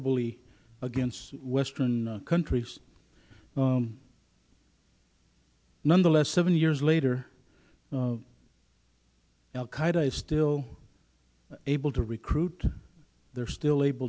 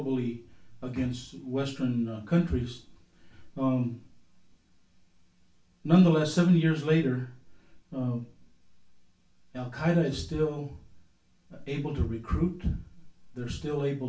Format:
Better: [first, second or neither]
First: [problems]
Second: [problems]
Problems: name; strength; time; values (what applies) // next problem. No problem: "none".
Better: first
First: none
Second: room echo; dies away in 0.3 s